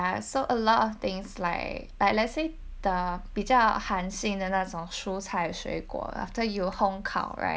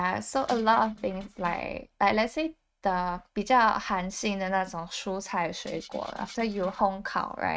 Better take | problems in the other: first | noise reduction (neural mask model RNNoise)

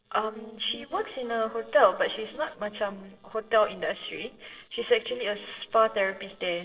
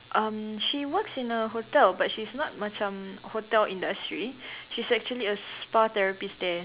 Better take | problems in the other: second | noise reduction (neural separator model SepFormer DNS4)

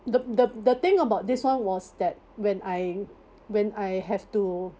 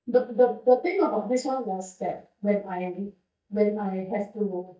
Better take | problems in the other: first | noise reduction (neural mask model DeepFilterNet 3)

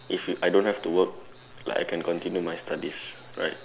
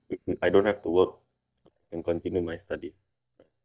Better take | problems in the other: first | noise reduction (neural mask model DeepFilterNet 3)

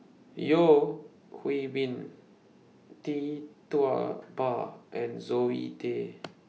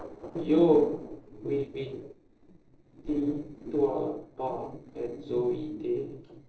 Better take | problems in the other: first | noise reduction (neural separator model SepFormer DNS4)

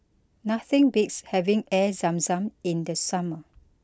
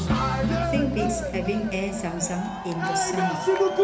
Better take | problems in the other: first | background sound (Cheering); 4 dB above the speech // room echo; dies away in 1 s

